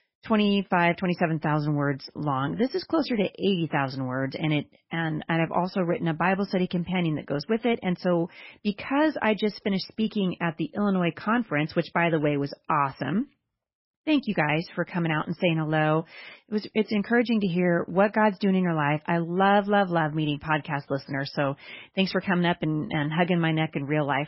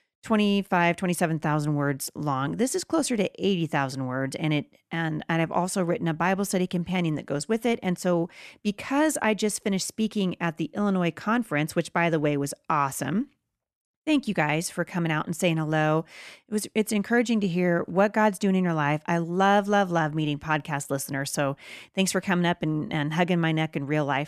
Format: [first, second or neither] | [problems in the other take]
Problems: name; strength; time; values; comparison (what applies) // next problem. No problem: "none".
second | garbled, watery; badly; nothing above 5.5 kHz